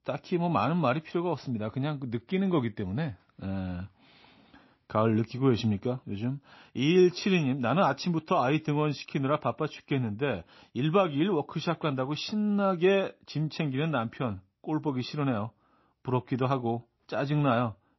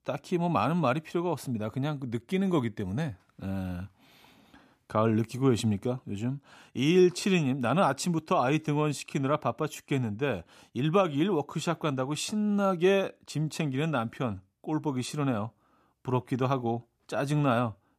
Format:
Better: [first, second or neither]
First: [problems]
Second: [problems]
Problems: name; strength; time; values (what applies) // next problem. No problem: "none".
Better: second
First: garbled, watery; slightly; nothing above 5.5 kHz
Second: none